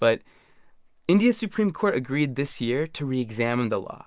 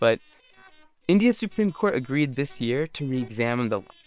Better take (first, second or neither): first